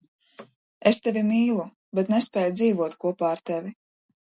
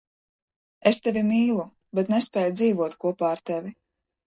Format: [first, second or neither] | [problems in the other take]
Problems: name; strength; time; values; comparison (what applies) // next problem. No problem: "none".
first | noise reduction (neural mask model DeepFilterNet 3)